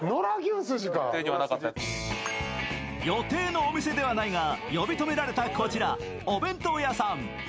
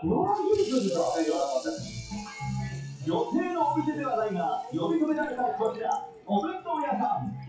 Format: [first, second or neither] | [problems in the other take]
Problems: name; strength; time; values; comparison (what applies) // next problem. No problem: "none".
first | noise reduction (classical method WPE with log-MMSE)